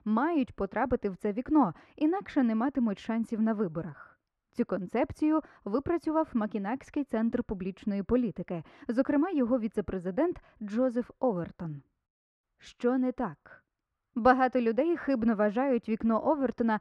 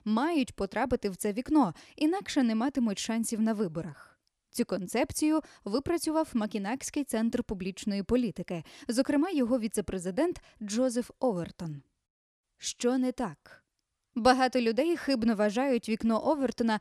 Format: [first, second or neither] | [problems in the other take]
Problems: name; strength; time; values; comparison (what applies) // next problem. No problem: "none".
second | muffled; very; fading above 3.5 kHz